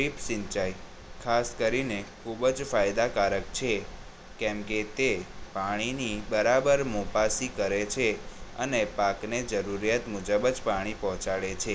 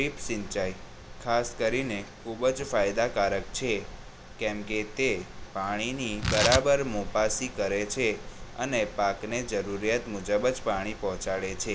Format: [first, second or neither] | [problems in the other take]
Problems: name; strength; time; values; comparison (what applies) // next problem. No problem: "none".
first | background sound (Tearing); 11 dB below the speech